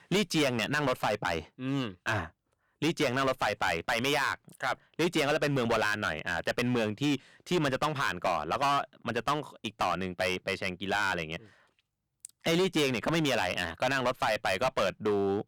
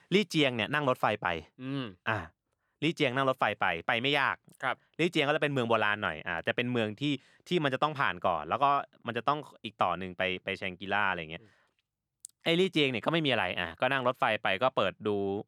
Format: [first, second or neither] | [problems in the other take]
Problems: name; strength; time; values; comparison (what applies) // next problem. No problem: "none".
second | distortion; heavy; 11% of the sound clipped